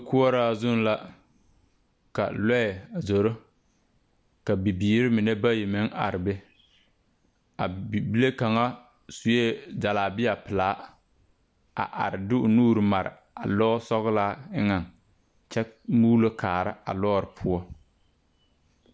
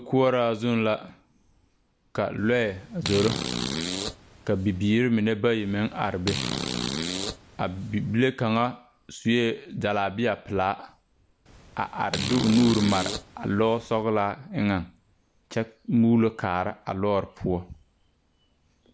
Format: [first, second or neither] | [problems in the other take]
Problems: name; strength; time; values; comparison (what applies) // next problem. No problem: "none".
first | background sound (Fart); 6 dB below the speech